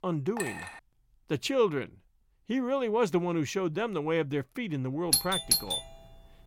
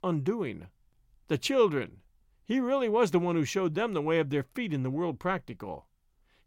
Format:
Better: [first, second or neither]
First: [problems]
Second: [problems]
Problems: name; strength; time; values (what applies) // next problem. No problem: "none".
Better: second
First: clattering dishes; noticeable; at 0.5 s; peak 6 dB below the speech // doorbell; loud; at 5 s; peak 5 dB above the speech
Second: none